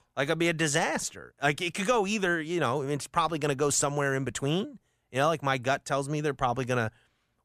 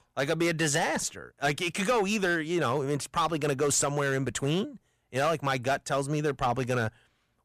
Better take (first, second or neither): first